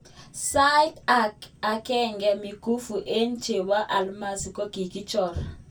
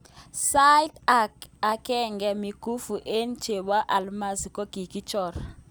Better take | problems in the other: second | room echo; dies away in 0.2 s

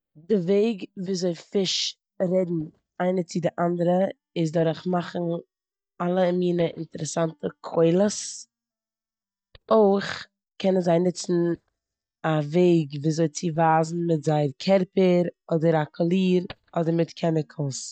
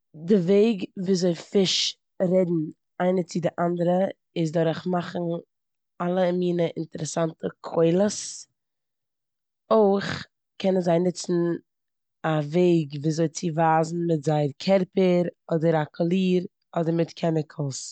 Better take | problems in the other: second | noise reduction (neural mask model DeepFilterNet 3)

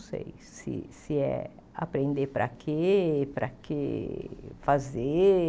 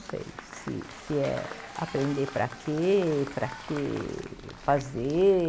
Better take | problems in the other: first | background sound (Applause / Crowd / Cheering); 15 dB below the speech

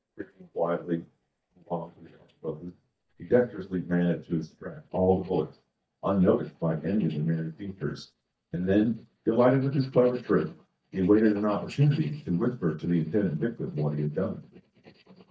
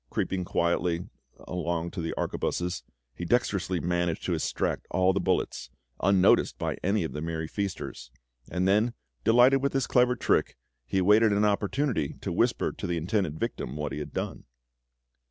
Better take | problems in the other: second | noise reduction (neural mask model DeepFilterNet 3)

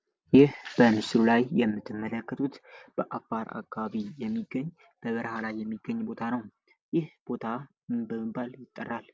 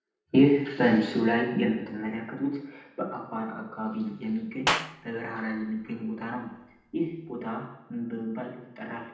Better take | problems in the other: first | background sound (Clapping); 7 dB below the speech // room echo; dies away in 0.8 s

